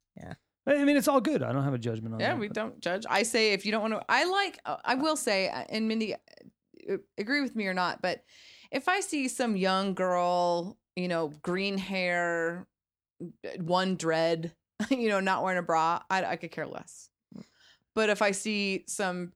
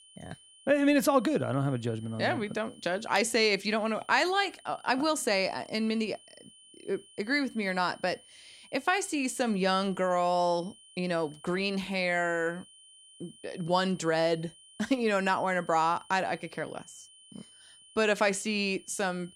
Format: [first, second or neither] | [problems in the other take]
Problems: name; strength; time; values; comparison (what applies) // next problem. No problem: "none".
first | high-pitched whine; faint; throughout; 3 kHz, 25 dB below the speech